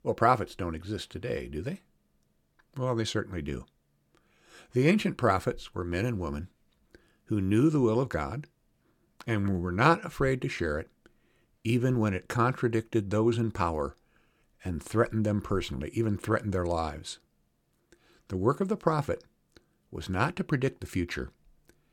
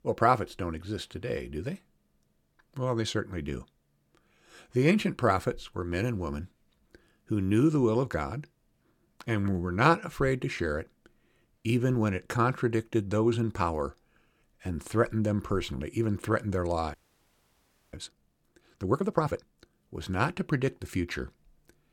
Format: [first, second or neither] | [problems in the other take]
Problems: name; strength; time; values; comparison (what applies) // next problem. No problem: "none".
first | audio freezing; at 17 s for 1 s